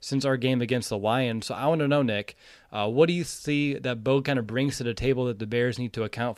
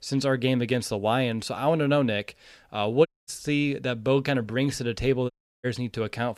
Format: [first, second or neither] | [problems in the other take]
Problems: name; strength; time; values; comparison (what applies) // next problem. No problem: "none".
first | audio cutting out; at 3 s and at 5.5 s